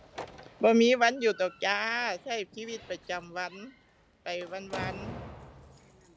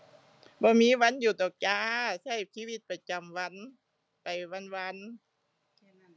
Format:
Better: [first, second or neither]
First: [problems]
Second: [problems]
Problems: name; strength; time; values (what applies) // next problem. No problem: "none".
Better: second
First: background sound (Slam); 16 dB below the speech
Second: none